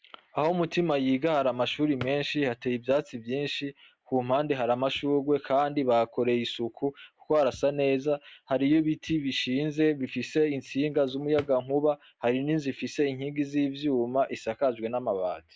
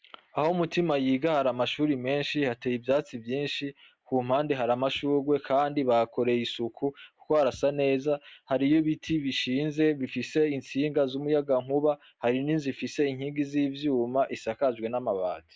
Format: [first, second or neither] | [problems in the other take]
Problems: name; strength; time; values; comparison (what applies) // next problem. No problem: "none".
second | background sound (Drawer open or close); 18 dB below the speech